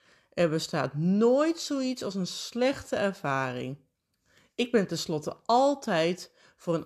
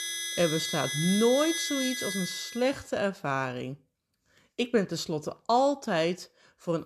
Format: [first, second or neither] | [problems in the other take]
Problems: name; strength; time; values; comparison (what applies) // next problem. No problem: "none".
first | background music; loud; until 2.5 s; 3 dB below the speech